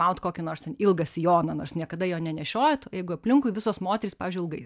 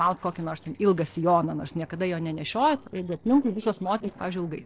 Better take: first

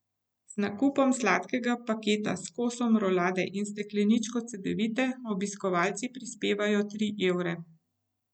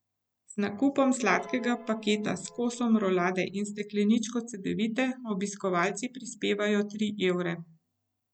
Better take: first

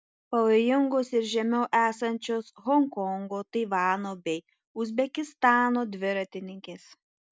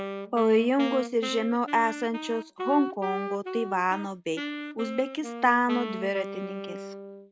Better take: first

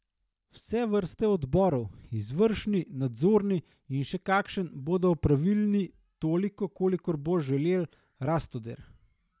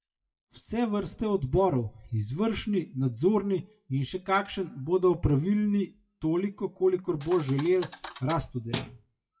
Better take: first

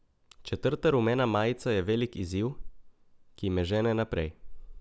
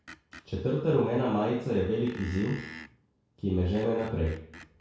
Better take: first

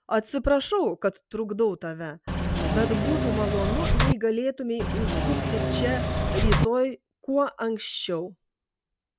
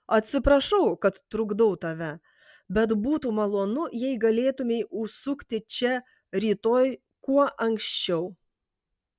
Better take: second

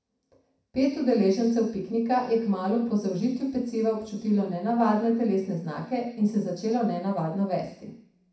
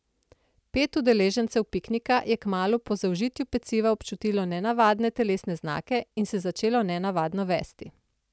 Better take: second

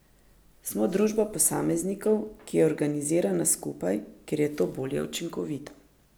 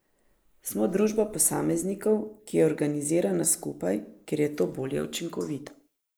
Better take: first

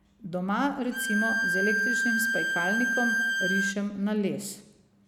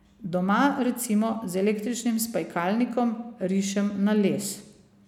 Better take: second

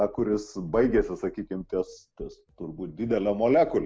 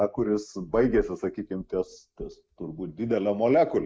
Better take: first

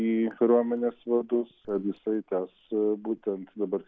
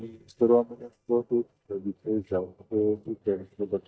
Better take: first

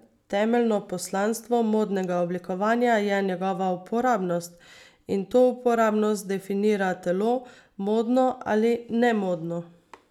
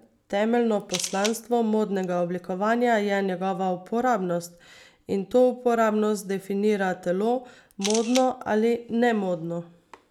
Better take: first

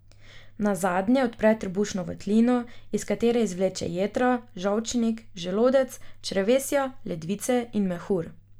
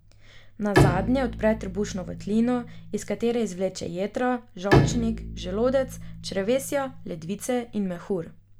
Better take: first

